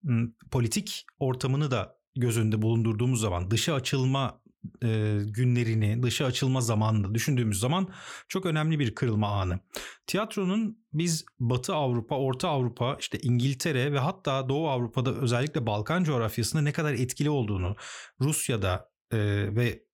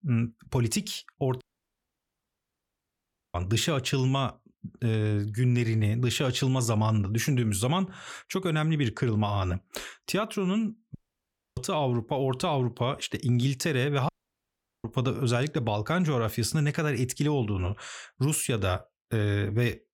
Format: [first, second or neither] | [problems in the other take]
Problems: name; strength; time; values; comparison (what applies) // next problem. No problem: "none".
first | audio cutting out; at 1.5 s for 2 s, at 11 s for 0.5 s and at 14 s for 1 s